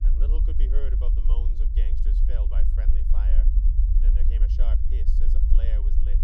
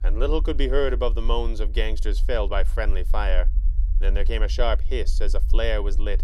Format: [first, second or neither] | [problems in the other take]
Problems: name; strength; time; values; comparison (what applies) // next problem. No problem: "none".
second | low rumble; loud; throughout; as loud as the speech; faint in the second